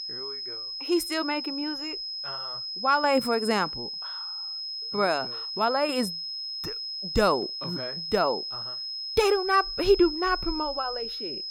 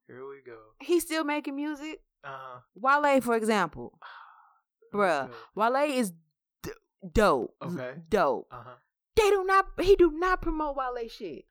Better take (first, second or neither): second